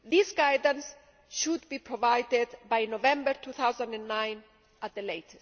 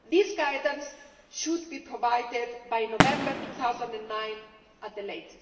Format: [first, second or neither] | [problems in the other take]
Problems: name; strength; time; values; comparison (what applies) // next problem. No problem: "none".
first | background sound (Fireworks); 4 dB below the speech // room echo; dies away in 1.1 s